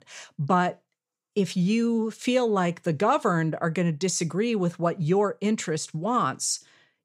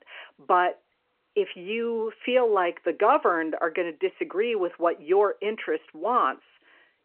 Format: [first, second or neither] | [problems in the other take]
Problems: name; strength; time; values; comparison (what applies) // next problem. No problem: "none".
first | phone-call audio